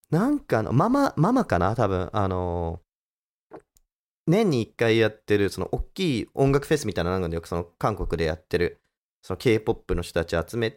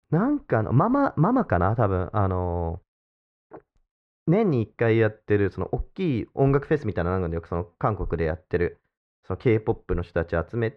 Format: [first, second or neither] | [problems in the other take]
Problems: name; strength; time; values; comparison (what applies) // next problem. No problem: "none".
first | muffled; very; fading above 1.5 kHz